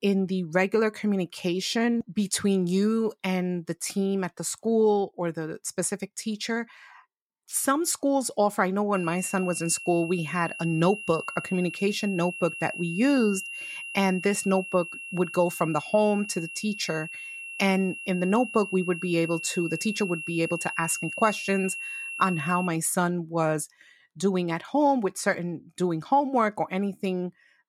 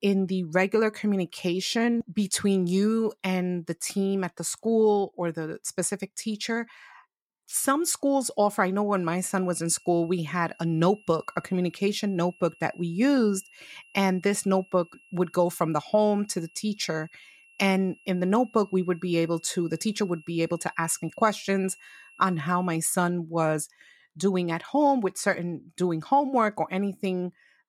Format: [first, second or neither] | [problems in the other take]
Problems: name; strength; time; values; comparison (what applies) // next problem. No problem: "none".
second | high-pitched whine; loud; from 9 to 23 s; 2.5 kHz, 9 dB below the speech; faint in the second